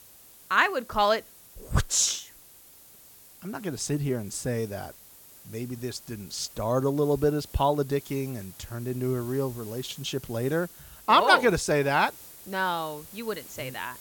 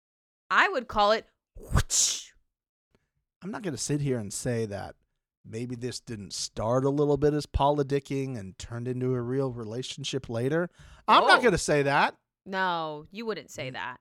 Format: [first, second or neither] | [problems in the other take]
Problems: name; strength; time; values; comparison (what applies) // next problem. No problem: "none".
second | hiss; noticeable; throughout; 20 dB below the speech